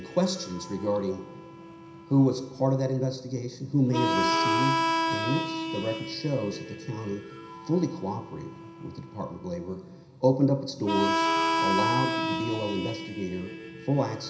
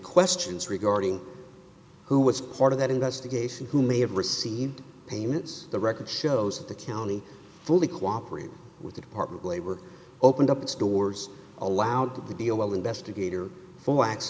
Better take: second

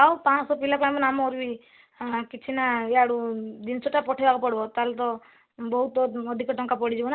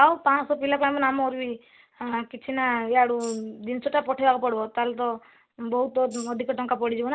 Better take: first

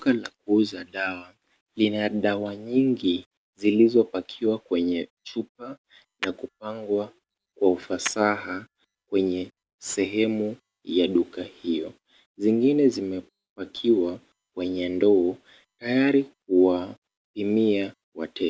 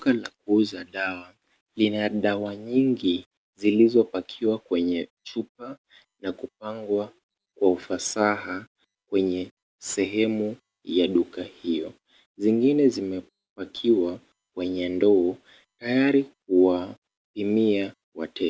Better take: second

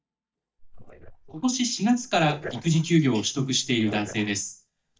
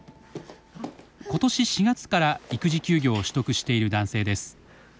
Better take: second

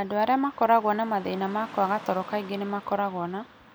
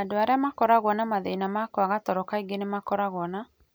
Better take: second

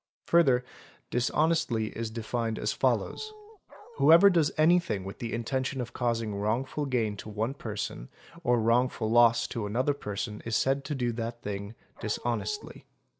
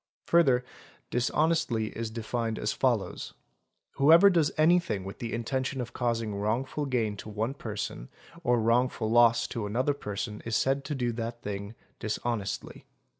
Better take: second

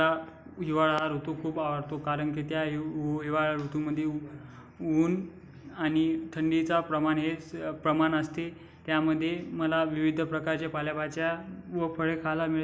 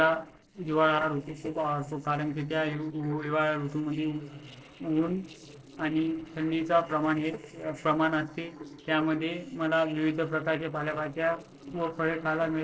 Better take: first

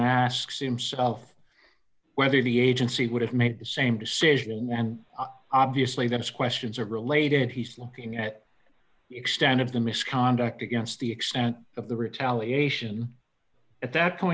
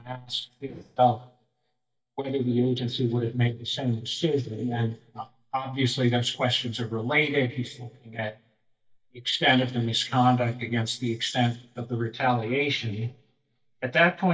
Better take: first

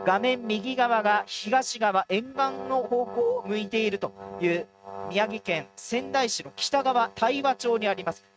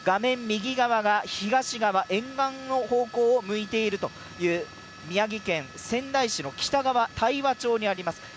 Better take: second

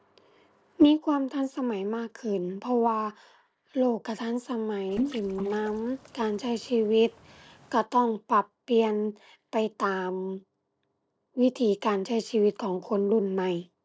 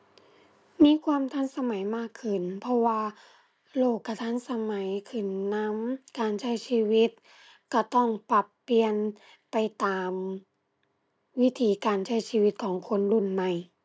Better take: second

